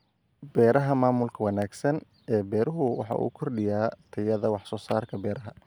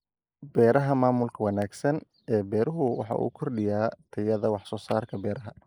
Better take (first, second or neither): first